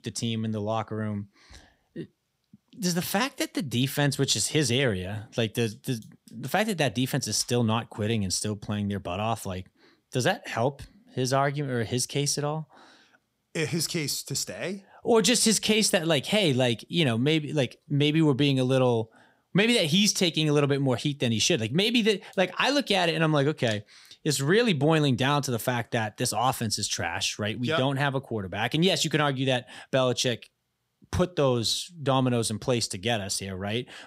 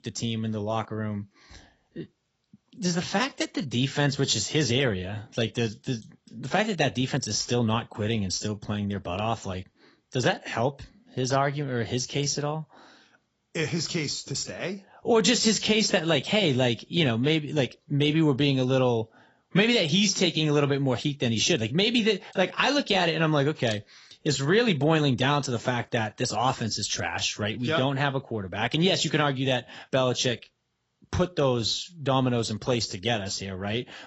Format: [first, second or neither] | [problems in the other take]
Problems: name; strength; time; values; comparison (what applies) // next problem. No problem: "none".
first | garbled, watery; badly; nothing above 7.5 kHz